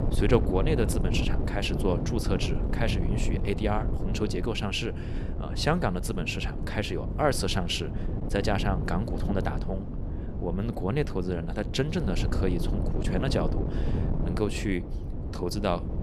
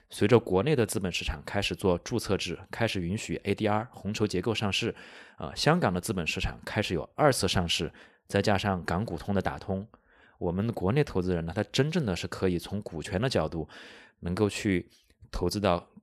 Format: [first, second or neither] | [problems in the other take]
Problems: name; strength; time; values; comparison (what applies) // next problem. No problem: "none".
second | wind noise on the microphone; heavy; 8 dB below the speech